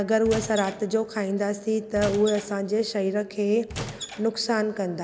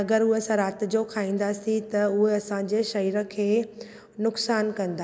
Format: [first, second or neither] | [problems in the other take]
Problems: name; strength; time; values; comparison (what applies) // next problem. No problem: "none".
second | background sound (Squeak / Wood); 13 dB below the speech